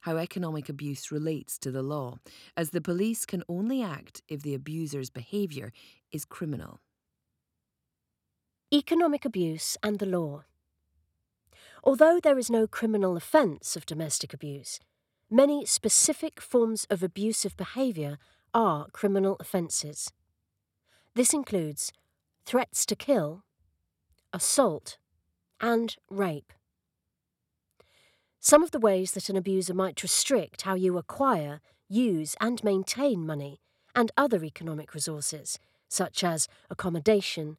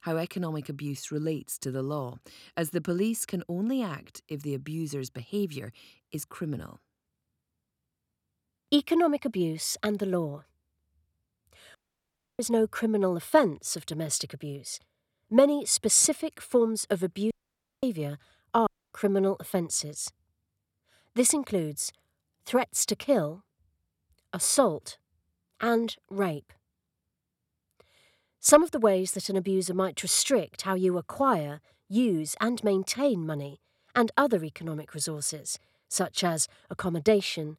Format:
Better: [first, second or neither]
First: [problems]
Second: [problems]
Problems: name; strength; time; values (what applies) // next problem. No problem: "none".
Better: first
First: none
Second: audio cutting out; at 12 s for 0.5 s, at 17 s for 0.5 s and at 19 s